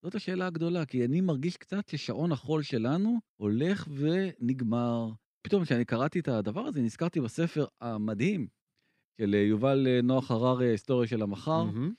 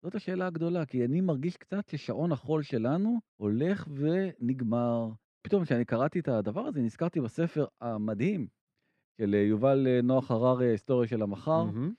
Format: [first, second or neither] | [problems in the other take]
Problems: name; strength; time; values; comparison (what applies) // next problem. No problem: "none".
first | muffled; slightly; fading above 2.5 kHz